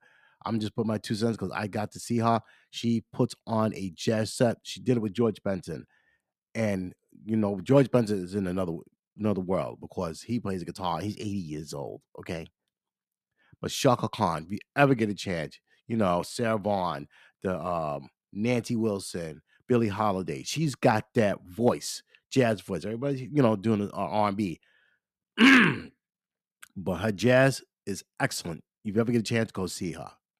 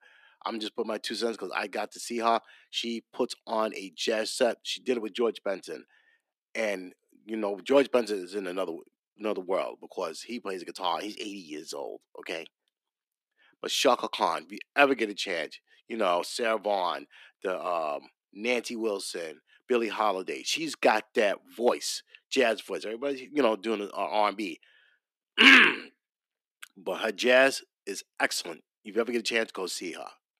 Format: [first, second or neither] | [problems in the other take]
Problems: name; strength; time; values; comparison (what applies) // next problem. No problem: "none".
first | thin; somewhat; fading below 300 Hz